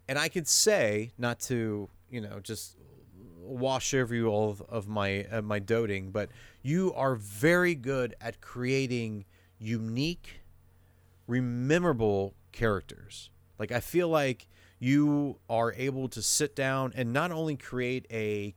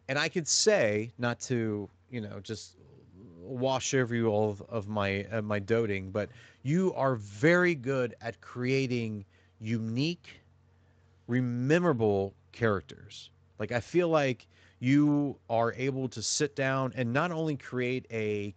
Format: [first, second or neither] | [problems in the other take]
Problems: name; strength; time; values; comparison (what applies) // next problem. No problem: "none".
first | garbled, watery; slightly; nothing above 7.5 kHz